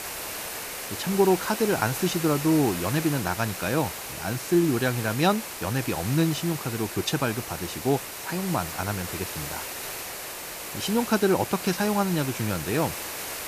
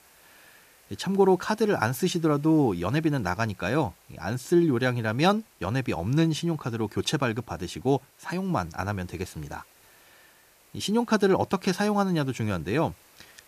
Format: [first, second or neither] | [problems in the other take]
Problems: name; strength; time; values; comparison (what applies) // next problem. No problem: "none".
second | hiss; loud; throughout; 7 dB below the speech; faint in the second